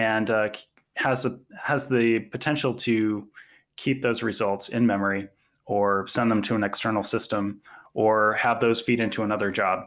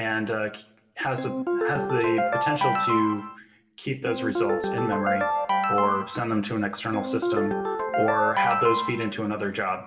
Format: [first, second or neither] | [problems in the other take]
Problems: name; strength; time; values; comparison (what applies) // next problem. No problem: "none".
first | background sound (Ringtone); 2 dB above the speech // room echo; dies away in 0.6 s